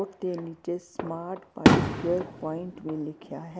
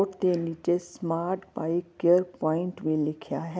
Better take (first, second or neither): second